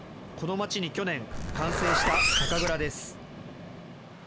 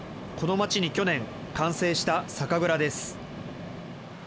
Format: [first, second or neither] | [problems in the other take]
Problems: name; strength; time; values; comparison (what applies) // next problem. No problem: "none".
second | background sound (Zipper (clothing)); 4 dB above the speech